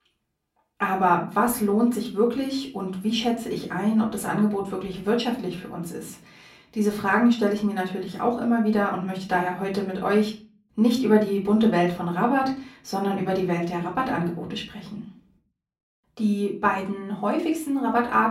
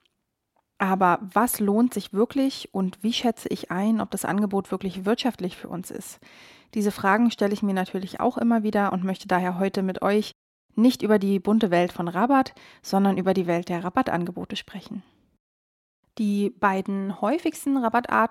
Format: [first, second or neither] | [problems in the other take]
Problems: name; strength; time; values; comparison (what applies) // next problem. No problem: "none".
second | room echo; slight; dies away in 0.3 s // off-mic speech; far